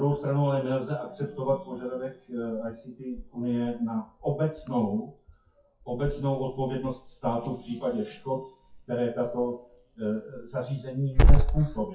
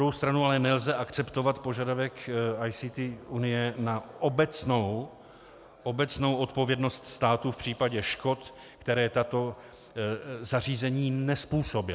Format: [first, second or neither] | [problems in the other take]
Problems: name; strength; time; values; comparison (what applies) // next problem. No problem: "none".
second | noise reduction (classical method WPE with log-MMSE)